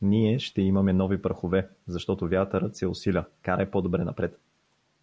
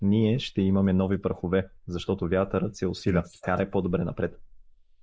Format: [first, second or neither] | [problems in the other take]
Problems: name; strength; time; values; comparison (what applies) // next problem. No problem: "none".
first | noise reduction (neural mask model Resemble Enhance denoiser)